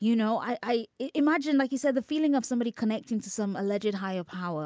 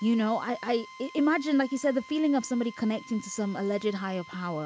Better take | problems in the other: first | background sound (Drill); 20 dB below the speech

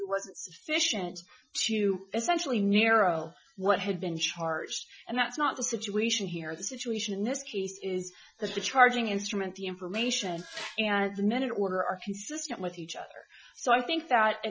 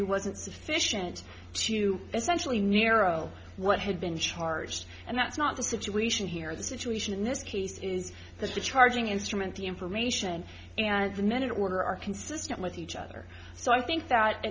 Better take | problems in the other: second | noise reduction (classical method Wiener filter)

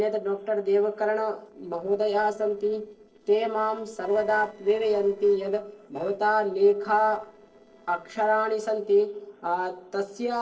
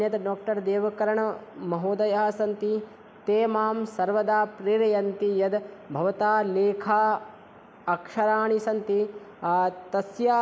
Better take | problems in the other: second | noise reduction (neural separator model SepFormer DNS4)

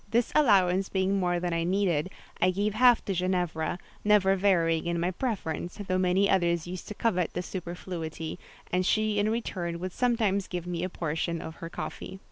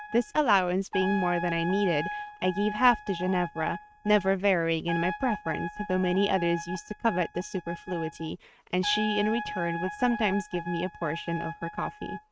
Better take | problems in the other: first | noise reduction (neural mask model RNNoise)

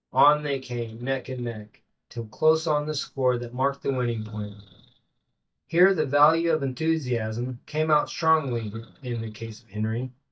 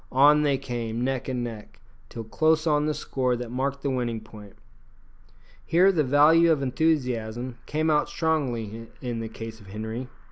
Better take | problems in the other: second | noise reduction (neural mask model DeepFilterNet 3)

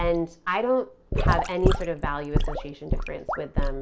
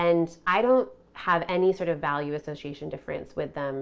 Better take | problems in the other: second | background sound (Sink (filling or washing) / Gurgling / Liquid); 2 dB above the speech

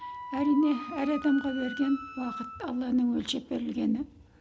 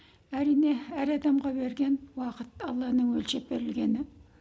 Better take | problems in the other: second | background sound (Wind instrument, woodwind instrument); 13 dB below the speech

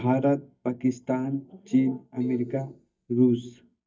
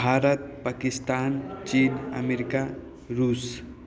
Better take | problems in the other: second | noise reduction (neural mask model DeepFilterNet 3)

